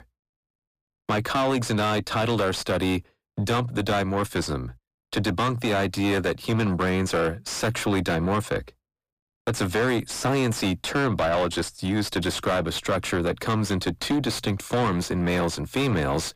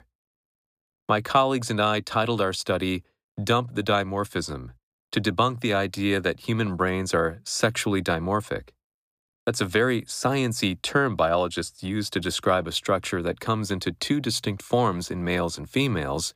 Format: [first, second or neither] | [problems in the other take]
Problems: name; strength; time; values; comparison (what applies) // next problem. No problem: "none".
second | distortion; heavy; 6 dB below the speech